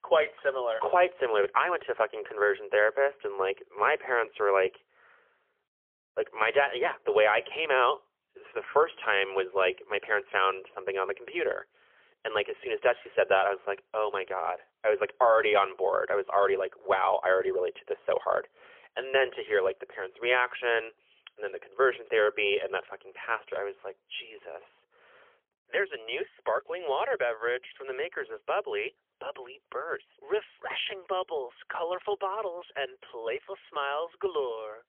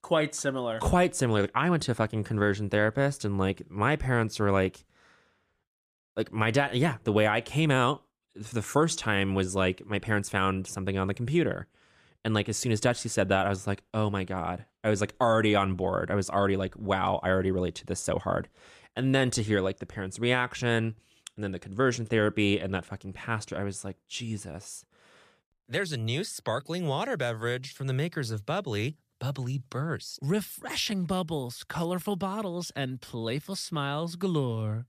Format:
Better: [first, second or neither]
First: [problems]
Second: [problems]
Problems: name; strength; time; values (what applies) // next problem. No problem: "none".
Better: second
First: phone-call audio; poor line; nothing above 3.5 kHz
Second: none